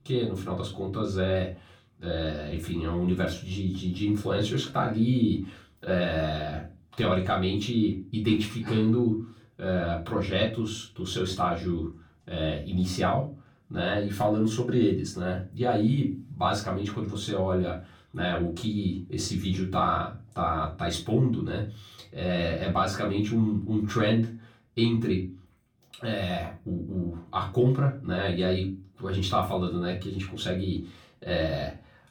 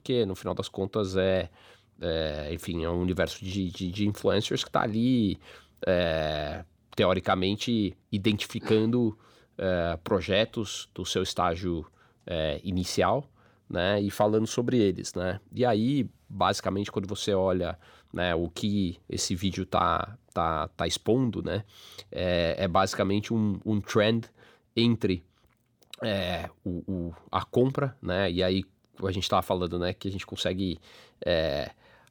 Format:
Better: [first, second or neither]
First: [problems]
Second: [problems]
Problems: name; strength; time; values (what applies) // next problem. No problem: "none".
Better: second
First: room echo; slight; dies away in 0.3 s // off-mic speech; far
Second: none